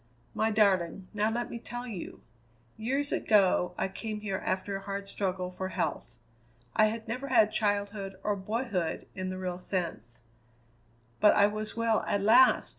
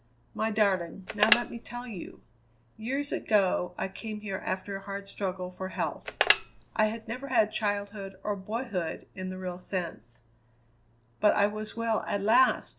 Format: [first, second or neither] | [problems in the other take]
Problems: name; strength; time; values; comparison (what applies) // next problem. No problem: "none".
first | background sound (Telephone); 1 dB below the speech